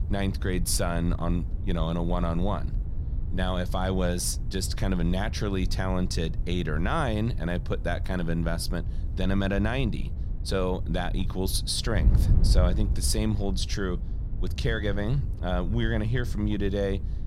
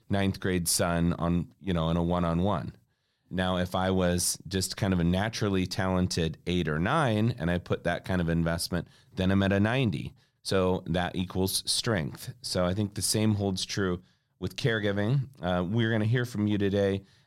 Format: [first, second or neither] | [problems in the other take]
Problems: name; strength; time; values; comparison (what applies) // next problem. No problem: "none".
second | wind noise on the microphone; occasional gusts; 15 dB below the speech